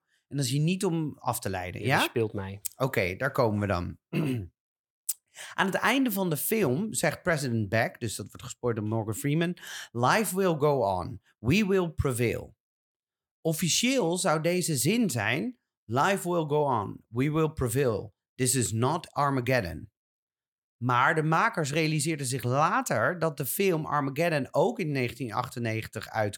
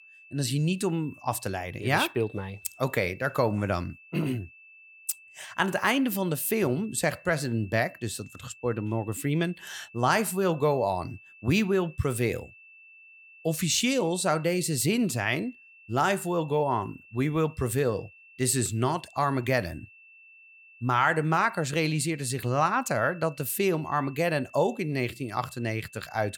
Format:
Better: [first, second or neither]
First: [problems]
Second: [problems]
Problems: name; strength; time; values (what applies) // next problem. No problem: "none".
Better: first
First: none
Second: high-pitched whine; faint; throughout; 2.5 kHz, 25 dB below the speech